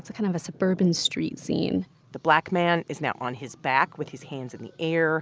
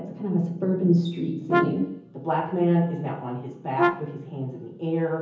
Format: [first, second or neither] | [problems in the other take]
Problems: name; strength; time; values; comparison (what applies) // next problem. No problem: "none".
first | background sound (Brass instrument); 3 dB below the speech // room echo; dies away in 0.7 s